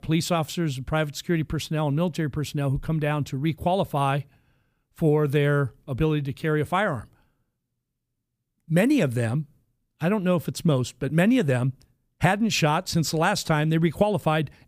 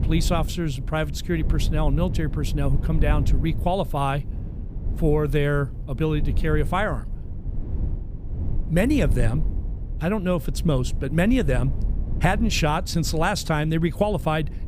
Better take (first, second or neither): first